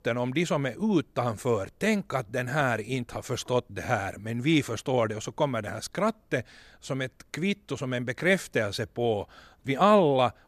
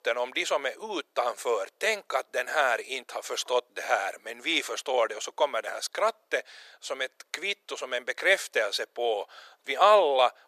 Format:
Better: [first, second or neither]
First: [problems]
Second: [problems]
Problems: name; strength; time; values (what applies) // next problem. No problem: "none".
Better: first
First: none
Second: thin; very; fading below 500 Hz